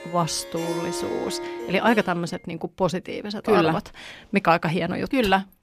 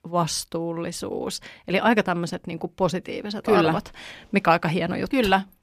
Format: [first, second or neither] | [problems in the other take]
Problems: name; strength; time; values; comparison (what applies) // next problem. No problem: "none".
second | background music; loud; until 2 s; 9 dB below the speech